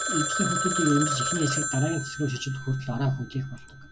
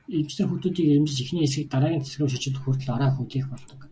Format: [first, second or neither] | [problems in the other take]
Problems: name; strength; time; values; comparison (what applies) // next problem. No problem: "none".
second | background sound (Telephone); 2 dB below the speech